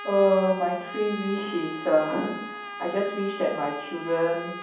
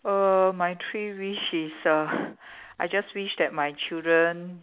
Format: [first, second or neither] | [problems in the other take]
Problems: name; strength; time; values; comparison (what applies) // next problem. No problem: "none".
second | background sound (Trumpet); 12 dB below the speech // room echo; dies away in 1.2 s